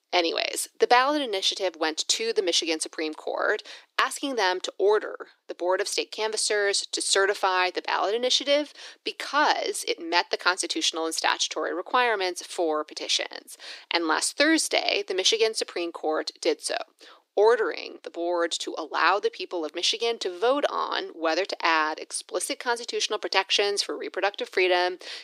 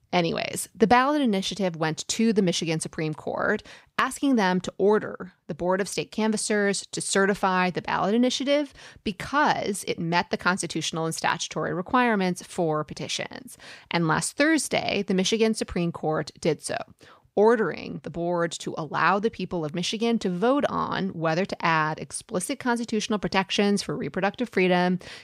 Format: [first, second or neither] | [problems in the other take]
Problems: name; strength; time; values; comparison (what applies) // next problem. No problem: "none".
second | thin; very; fading below 300 Hz